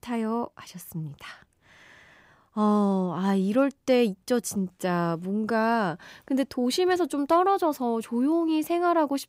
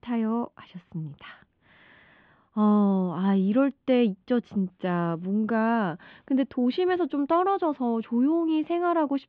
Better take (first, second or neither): first